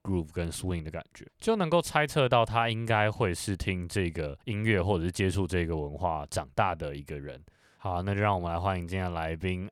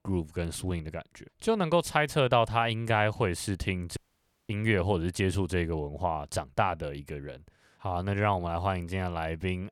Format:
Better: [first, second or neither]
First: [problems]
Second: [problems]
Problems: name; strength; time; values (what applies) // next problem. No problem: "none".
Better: first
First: none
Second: audio cutting out; at 4 s for 0.5 s